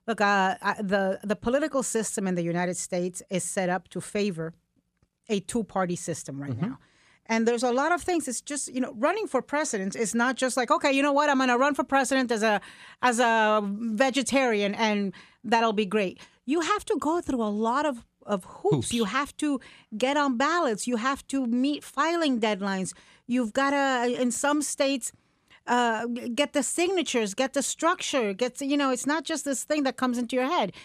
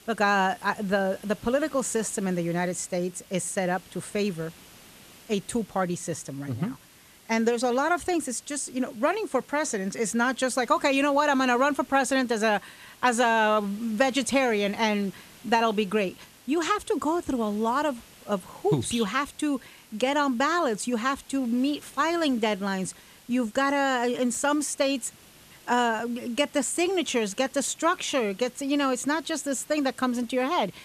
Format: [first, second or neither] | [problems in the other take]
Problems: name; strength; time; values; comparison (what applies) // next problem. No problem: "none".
first | hiss; faint; throughout; 25 dB below the speech